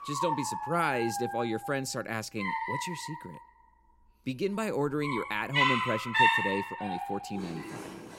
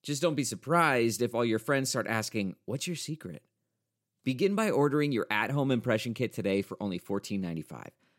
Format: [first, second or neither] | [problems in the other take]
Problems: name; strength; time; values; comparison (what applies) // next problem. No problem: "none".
second | animal sounds; very loud; throughout; 3 dB above the speech